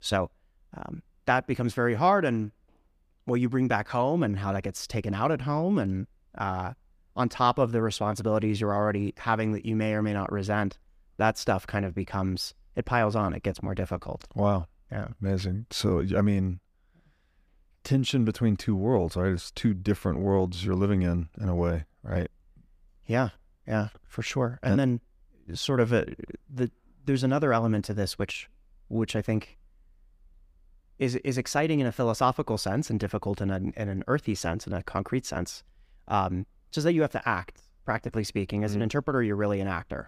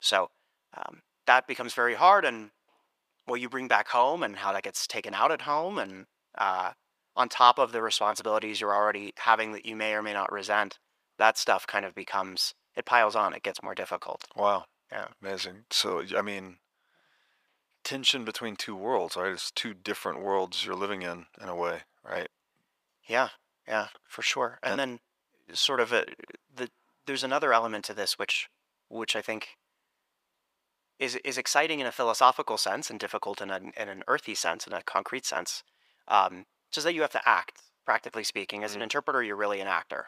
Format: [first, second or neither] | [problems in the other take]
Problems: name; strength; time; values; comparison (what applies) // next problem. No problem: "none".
first | thin; very; fading below 650 Hz